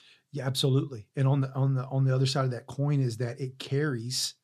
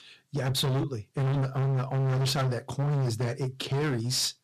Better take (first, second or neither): first